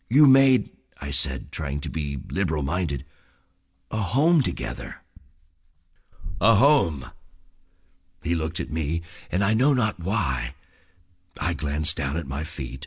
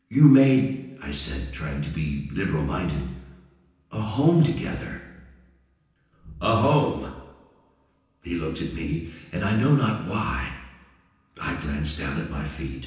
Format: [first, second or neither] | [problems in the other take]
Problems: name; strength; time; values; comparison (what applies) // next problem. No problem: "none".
first | room echo; dies away in 0.9 s